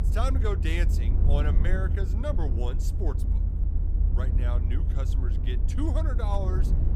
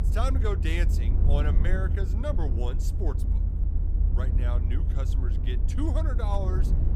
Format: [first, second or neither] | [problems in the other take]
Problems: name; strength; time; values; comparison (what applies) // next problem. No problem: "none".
neither | low rumble; loud; throughout; 7 dB below the speech; the same in both